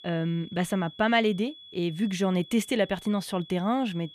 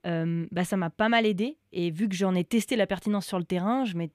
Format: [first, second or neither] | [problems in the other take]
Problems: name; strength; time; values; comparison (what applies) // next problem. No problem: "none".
second | high-pitched whine; noticeable; throughout; 3.5 kHz, 20 dB below the speech